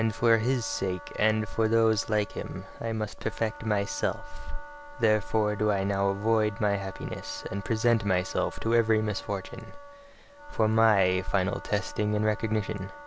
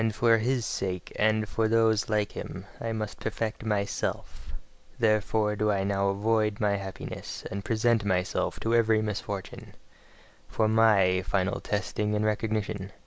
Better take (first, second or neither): second